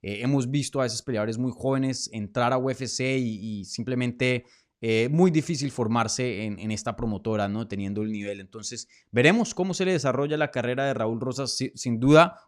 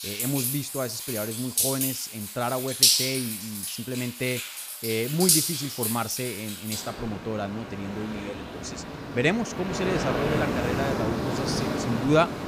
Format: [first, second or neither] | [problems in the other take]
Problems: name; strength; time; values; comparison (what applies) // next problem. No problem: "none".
first | rain or running water; very loud; throughout; 3 dB above the speech